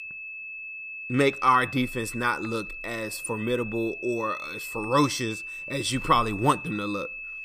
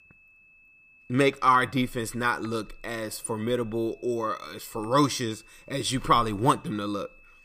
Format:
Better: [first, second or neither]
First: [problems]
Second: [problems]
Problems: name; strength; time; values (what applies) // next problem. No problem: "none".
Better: second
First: high-pitched whine; loud; throughout; 2.5 kHz, 9 dB below the speech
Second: high-pitched whine; faint; throughout; 2.5 kHz, 30 dB below the speech